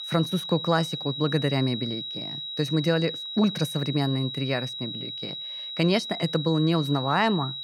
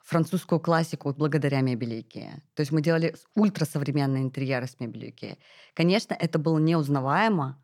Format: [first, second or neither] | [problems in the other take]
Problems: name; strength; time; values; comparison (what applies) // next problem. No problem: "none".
second | high-pitched whine; loud; throughout; 4 kHz, 6 dB below the speech